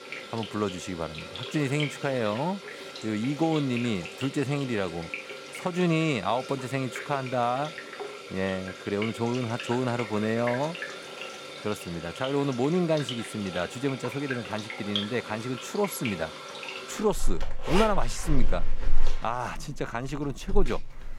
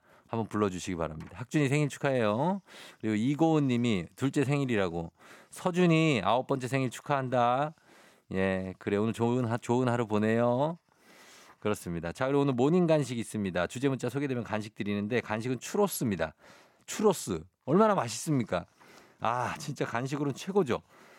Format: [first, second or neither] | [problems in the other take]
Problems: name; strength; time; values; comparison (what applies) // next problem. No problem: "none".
second | household noises; loud; throughout; 7 dB below the speech